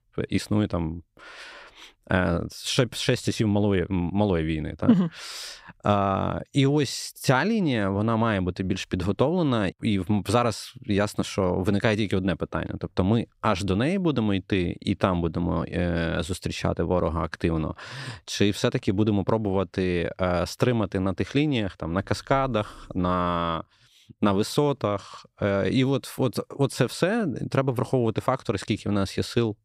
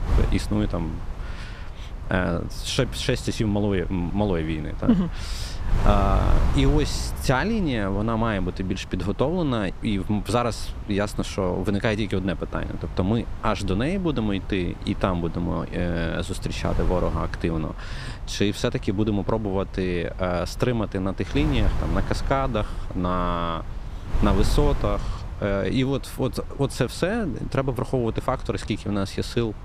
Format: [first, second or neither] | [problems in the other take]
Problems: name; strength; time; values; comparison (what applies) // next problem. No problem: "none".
first | wind noise on the microphone; occasional gusts; 15 dB below the speech